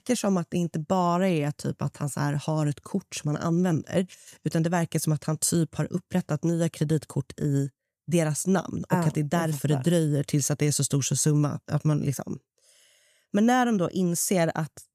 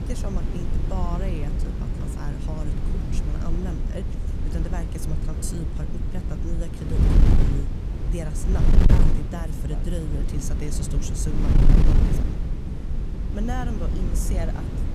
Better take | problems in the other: first | wind noise on the microphone; heavy; 1 dB above the speech

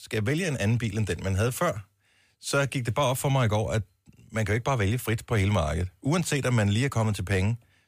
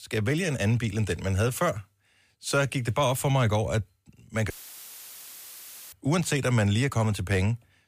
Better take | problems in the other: first | audio cutting out; filled with static; at 4.5 s for 1.5 s

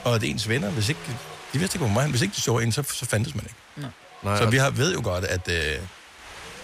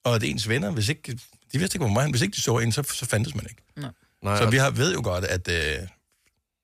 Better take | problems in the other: second | wind noise on the microphone; occasional gusts; 15 dB below the speech

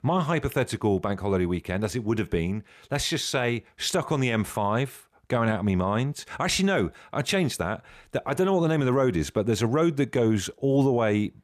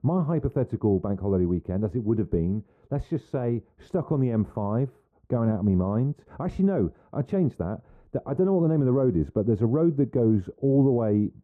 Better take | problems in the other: first | muffled; very; fading above 1 kHz

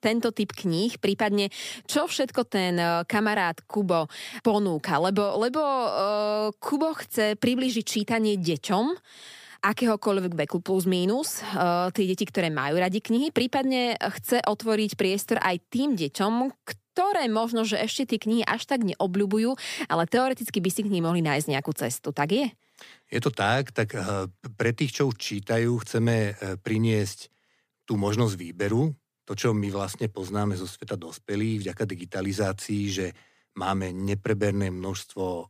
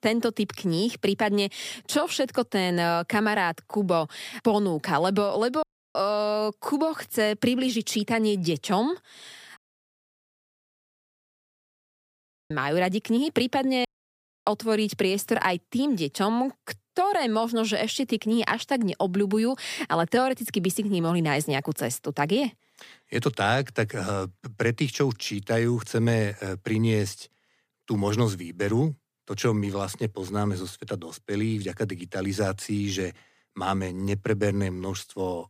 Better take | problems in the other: first | audio cutting out; at 5.5 s, at 9.5 s for 3 s and at 14 s for 0.5 s

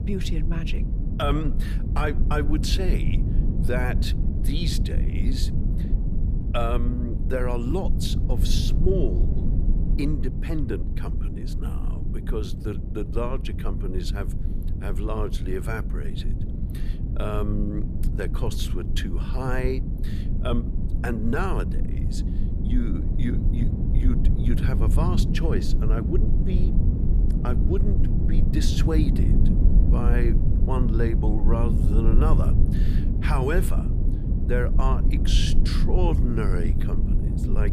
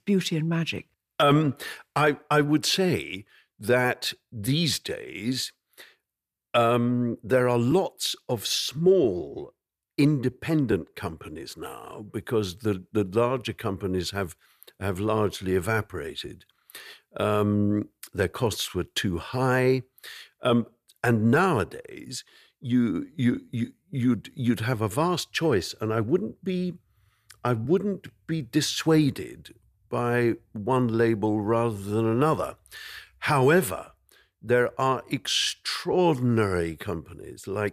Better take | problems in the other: second | low rumble; loud; throughout; 6 dB below the speech

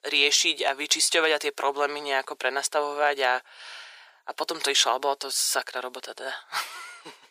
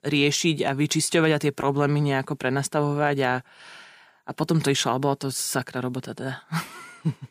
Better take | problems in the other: second | thin; very; fading below 500 Hz

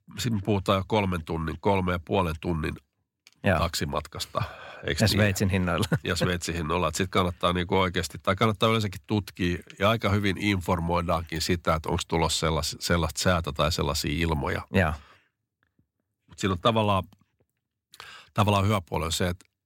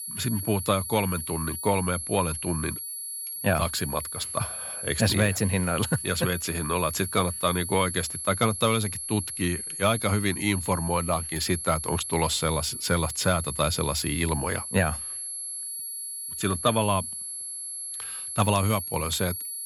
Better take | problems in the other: first | high-pitched whine; loud; throughout; 11 kHz, 5 dB below the speech

